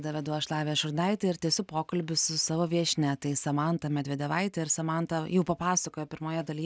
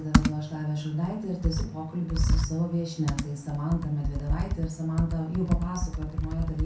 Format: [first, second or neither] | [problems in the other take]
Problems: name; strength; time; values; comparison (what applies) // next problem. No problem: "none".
first | background sound (Computer keyboard); 1 dB above the speech // room echo; dies away in 0.5 s